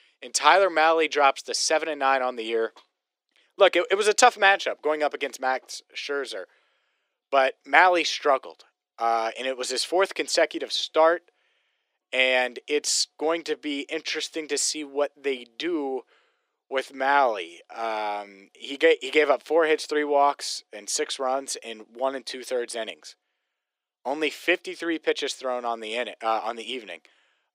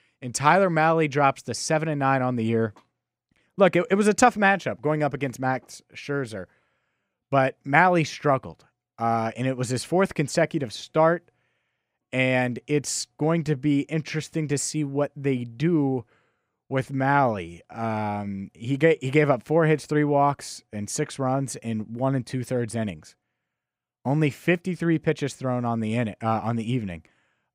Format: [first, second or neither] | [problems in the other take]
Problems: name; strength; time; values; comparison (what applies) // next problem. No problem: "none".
second | thin; very; fading below 350 Hz